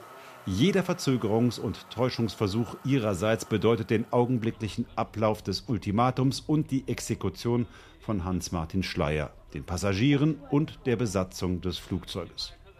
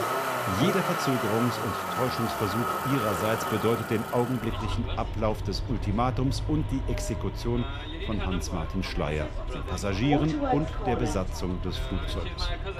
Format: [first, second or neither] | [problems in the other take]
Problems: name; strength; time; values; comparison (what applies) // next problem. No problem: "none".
first | traffic noise; loud; throughout; 1 dB below the speech; faint in the first